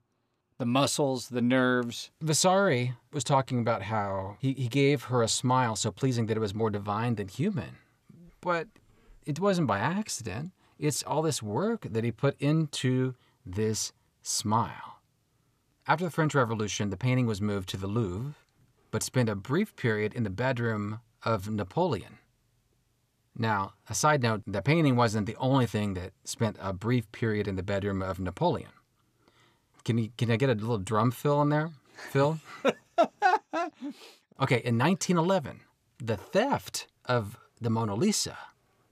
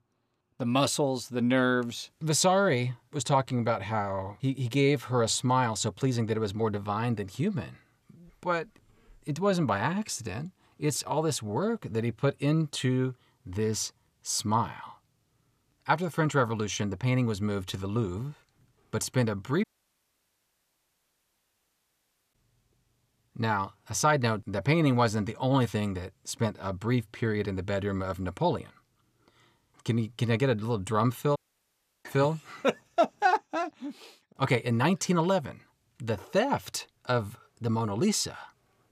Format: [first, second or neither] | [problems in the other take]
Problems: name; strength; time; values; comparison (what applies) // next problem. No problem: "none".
first | audio cutting out; at 20 s for 2.5 s and at 31 s for 0.5 s